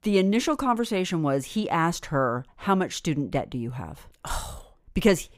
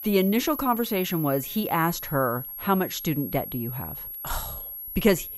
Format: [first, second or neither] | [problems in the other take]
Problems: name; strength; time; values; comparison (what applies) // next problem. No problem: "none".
first | high-pitched whine; loud; throughout; 11.5 kHz, 8 dB below the speech